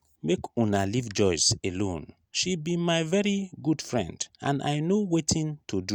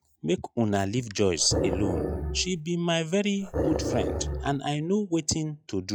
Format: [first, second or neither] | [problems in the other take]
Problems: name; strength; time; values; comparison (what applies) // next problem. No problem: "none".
first | noise reduction (classical method log-MMSE)